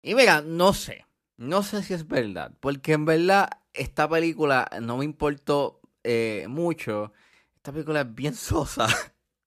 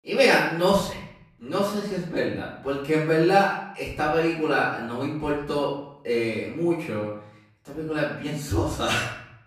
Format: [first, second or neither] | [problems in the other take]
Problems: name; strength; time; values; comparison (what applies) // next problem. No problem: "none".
first | off-mic speech; far // room echo; noticeable; dies away in 0.6 s